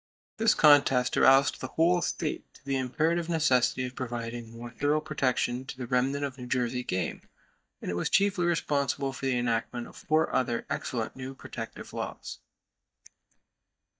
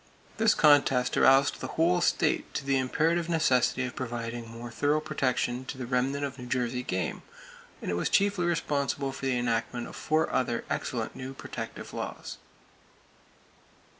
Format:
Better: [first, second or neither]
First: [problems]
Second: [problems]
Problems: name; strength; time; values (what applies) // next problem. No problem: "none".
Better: second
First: noise reduction (neural mask model DeepFilterNet 3)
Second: none